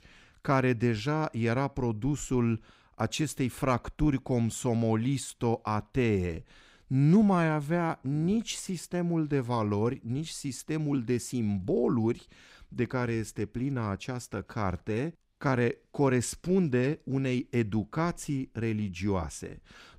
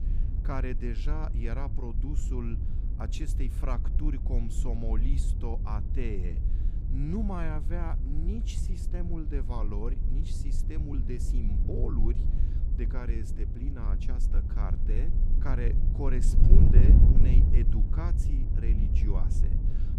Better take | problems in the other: first | wind noise on the microphone; heavy; 3 dB below the speech

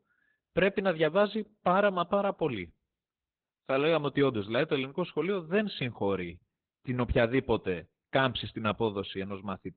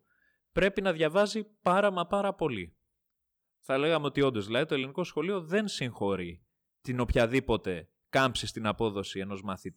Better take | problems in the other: second | garbled, watery; badly; nothing above 4 kHz

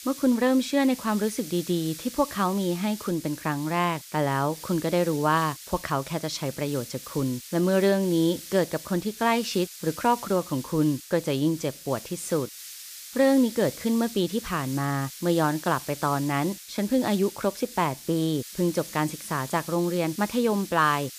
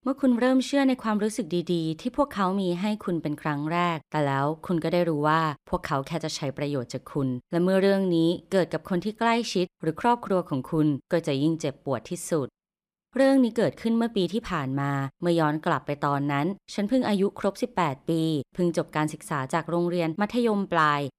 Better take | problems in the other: second | hiss; noticeable; throughout; 15 dB below the speech

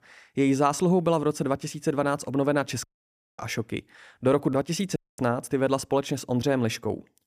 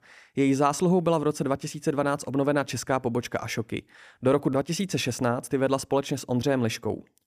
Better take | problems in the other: second | audio cutting out; at 3 s for 0.5 s and at 5 s

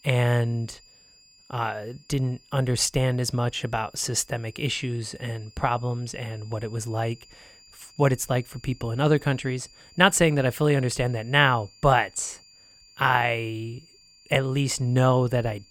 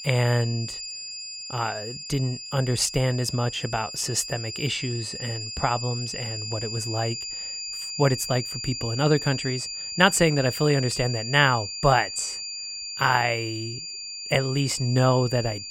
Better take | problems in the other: first | high-pitched whine; loud; throughout; 4.5 kHz, 7 dB below the speech; faint in the first

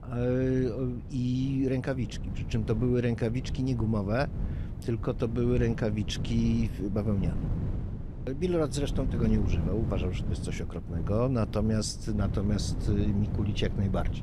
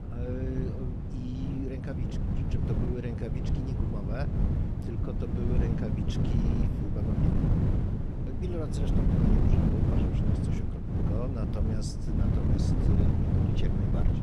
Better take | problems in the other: first | wind noise on the microphone; heavy; 4 dB above the speech; occasional gusts in the first

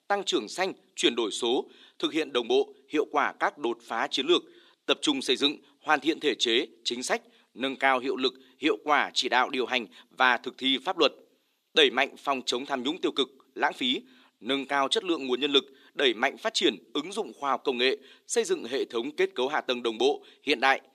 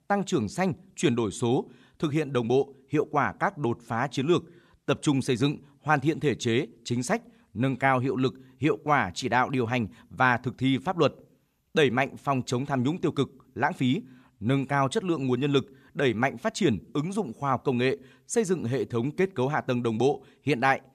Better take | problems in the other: second | thin; somewhat; fading below 300 Hz

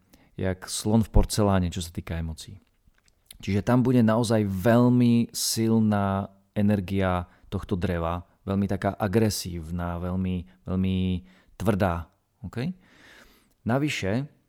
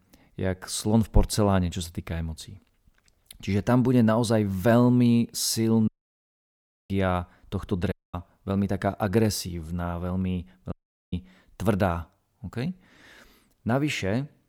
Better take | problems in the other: first | audio cutting out; at 6 s for 1 s, at 8 s and at 11 s

